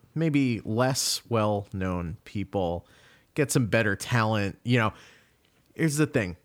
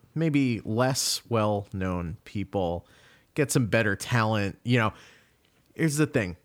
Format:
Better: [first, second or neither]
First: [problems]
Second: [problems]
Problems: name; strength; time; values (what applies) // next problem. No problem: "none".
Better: neither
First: none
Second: none